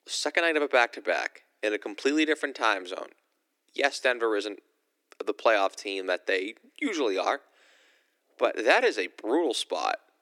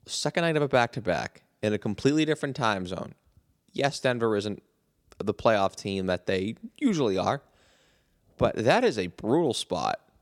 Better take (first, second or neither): second